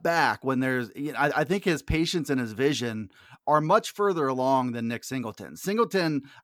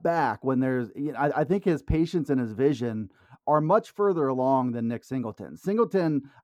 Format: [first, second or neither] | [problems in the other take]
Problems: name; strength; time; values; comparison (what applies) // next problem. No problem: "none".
first | muffled; slightly; fading above 1.5 kHz